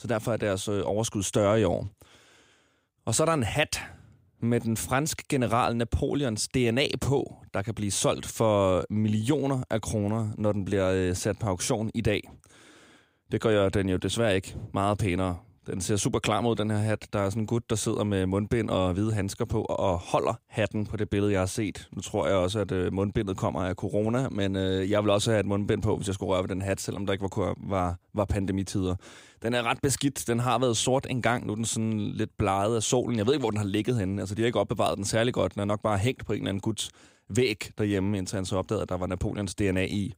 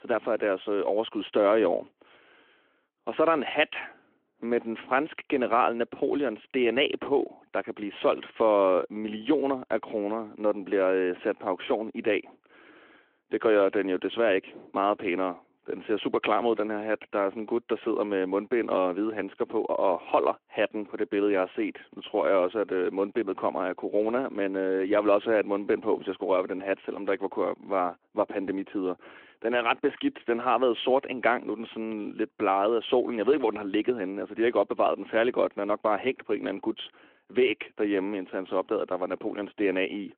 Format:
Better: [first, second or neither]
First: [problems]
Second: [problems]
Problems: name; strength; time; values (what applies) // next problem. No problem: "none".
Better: first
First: none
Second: phone-call audio